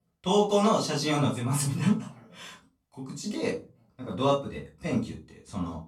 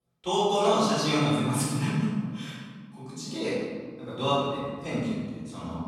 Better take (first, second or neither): first